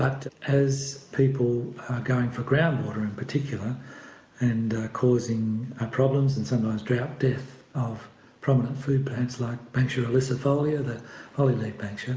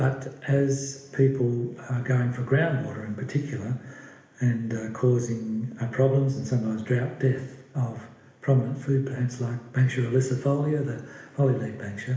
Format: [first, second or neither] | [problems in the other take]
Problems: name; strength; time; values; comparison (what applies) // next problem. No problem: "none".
first | room echo; dies away in 1 s